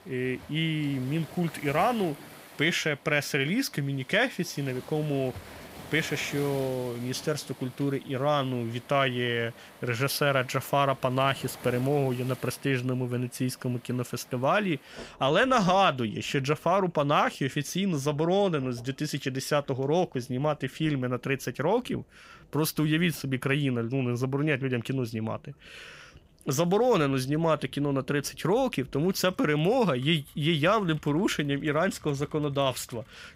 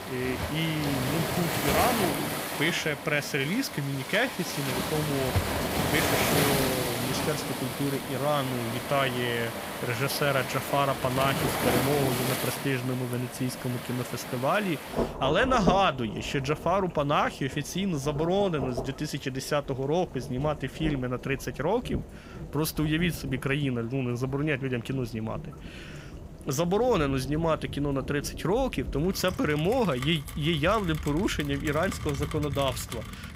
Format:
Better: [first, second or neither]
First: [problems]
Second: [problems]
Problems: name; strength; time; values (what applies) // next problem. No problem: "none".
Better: first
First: rain or running water; faint; throughout; 20 dB below the speech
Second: rain or running water; loud; throughout; 4 dB below the speech